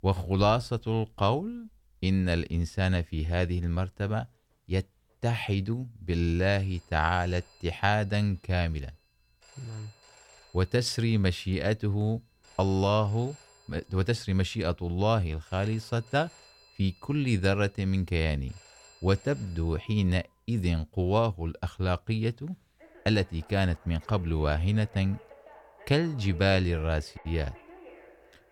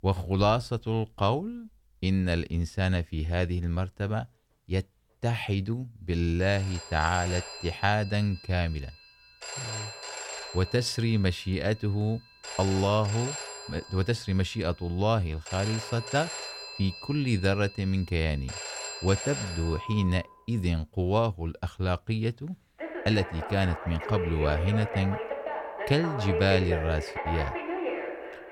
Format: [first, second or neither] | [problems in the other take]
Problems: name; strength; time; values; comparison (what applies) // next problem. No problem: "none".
first | alarms or sirens; loud; from 6.5 s on; 8 dB below the speech; faint in the first